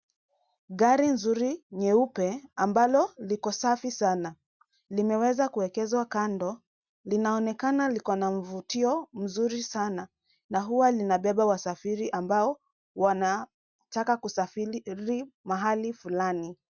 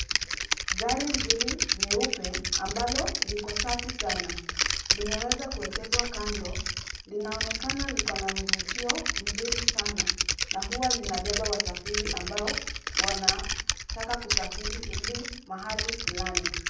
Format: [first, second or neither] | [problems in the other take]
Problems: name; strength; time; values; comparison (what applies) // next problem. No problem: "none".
first | background sound (Typing); 5 dB above the speech // room echo; dies away in 0.6 s